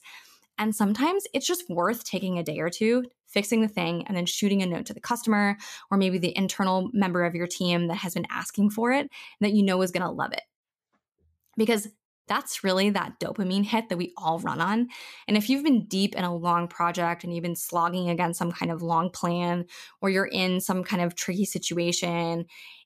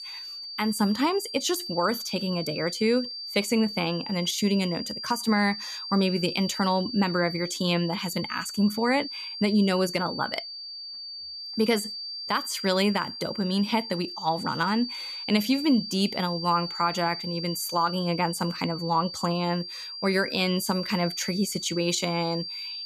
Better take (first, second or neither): first